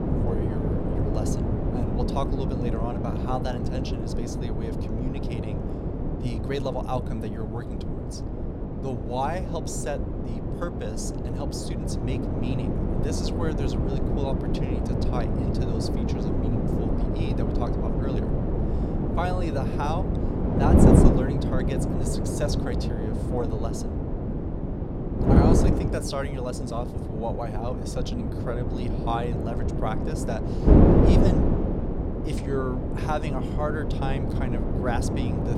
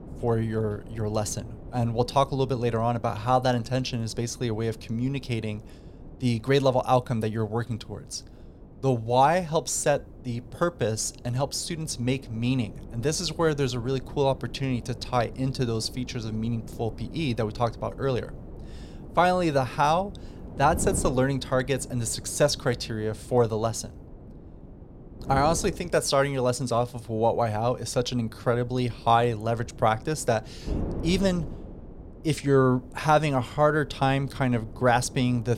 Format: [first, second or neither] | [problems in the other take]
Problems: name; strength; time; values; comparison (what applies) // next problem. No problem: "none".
second | wind noise on the microphone; heavy; 2 dB above the speech; occasional gusts in the second